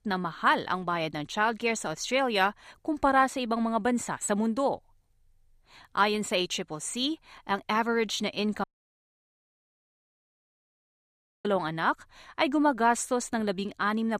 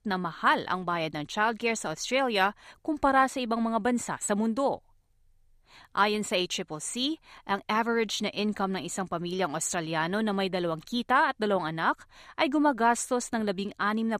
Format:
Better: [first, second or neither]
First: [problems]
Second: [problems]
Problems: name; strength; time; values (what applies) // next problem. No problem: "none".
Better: second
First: audio cutting out; at 8.5 s for 3 s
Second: none